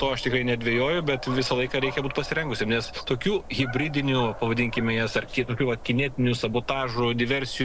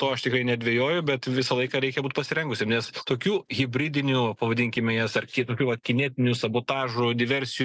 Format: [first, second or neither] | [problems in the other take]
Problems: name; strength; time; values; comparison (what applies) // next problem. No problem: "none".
second | background sound (Dog); 12 dB below the speech